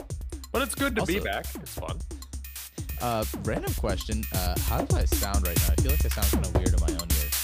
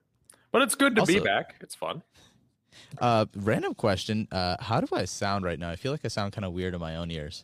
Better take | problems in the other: second | background music; very loud; throughout; 3 dB above the speech

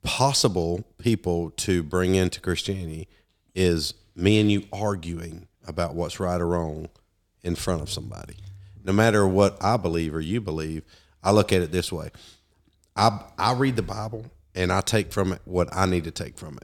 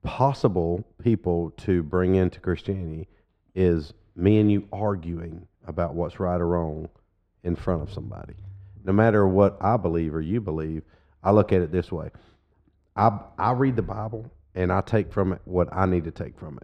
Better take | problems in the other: first | muffled; very; fading above 3.5 kHz

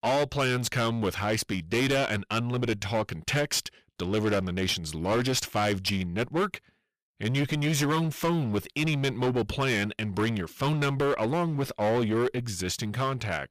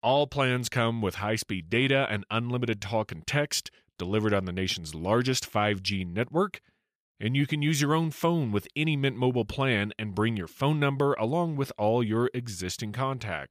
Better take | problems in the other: second | distortion; heavy; 16% of the sound clipped

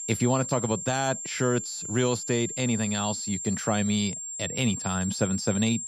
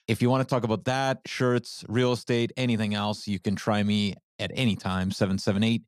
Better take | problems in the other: second | high-pitched whine; loud; throughout; 7.5 kHz, 5 dB below the speech

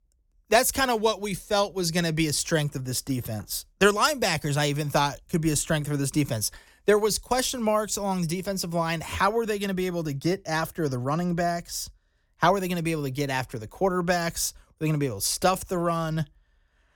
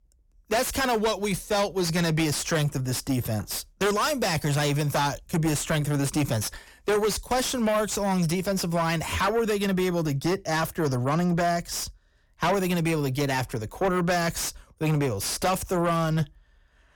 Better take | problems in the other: first | distortion; heavy; 7 dB below the speech

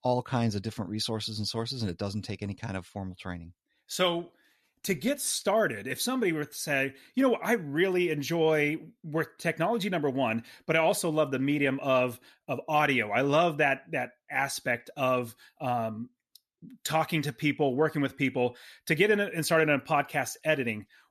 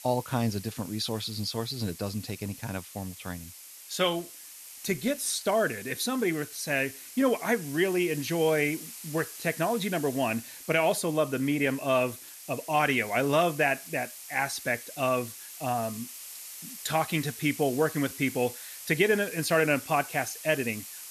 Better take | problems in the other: first | hiss; noticeable; throughout; 15 dB below the speech

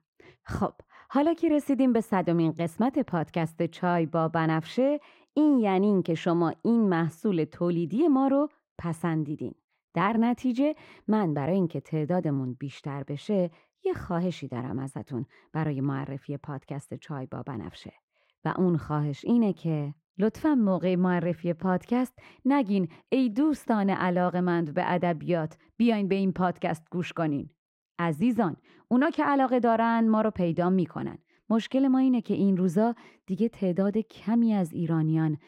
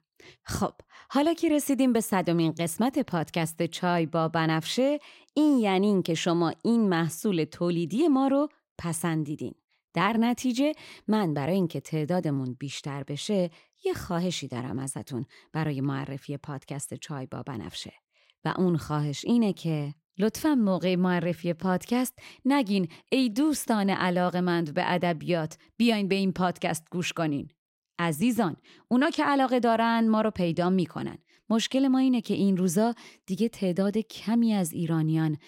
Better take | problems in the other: second | muffled; slightly; fading above 3 kHz

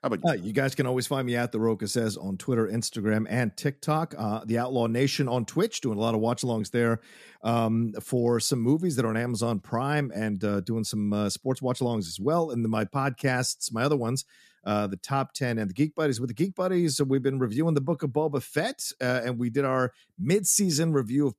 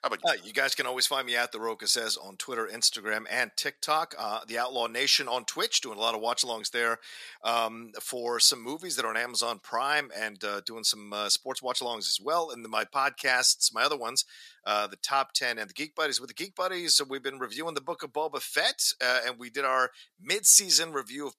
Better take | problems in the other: first | thin; very; fading below 900 Hz

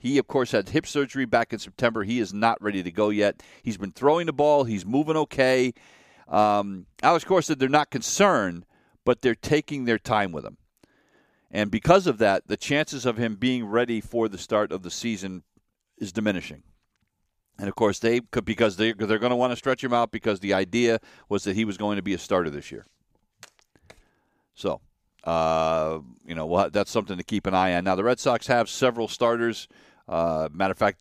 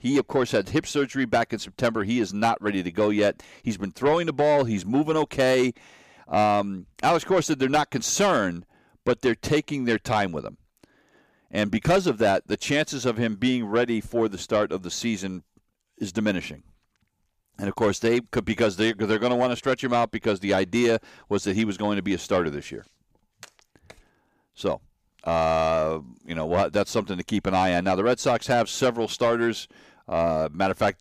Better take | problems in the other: first | distortion; slight; 10 dB below the speech

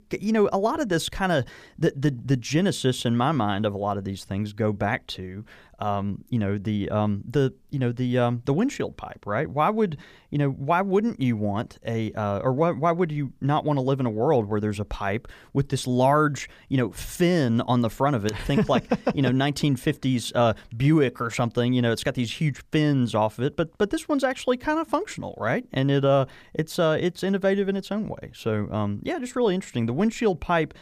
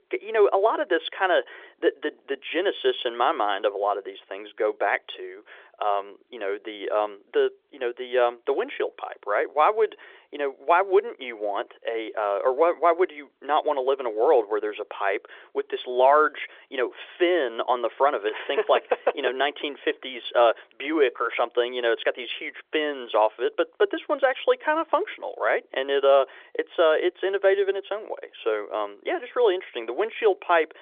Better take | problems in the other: first | phone-call audio; nothing above 3.5 kHz

